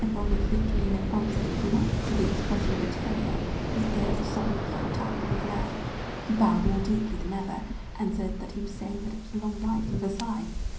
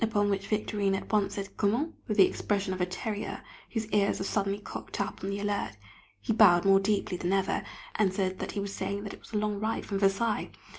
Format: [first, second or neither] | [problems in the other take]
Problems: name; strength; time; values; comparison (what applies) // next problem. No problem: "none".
second | background sound (Waves, surf); 1 dB above the speech // room echo; dies away in 0.6 s